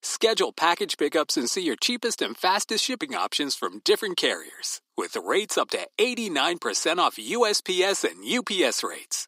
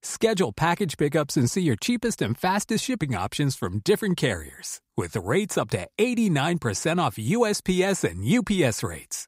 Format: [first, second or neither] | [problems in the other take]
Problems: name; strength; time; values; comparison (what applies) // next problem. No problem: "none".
second | thin; somewhat; fading below 300 Hz